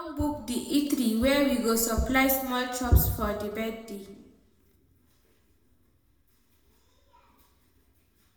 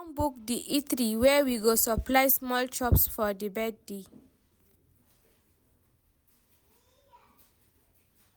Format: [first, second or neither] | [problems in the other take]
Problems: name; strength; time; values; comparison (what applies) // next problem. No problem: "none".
second | room echo; dies away in 0.8 s